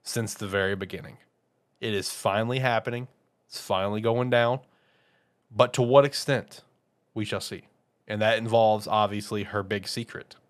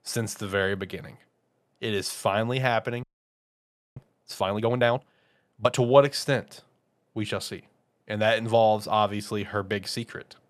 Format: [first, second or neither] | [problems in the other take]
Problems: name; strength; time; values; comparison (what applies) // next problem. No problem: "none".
first | audio freezing; at 3 s for 1 s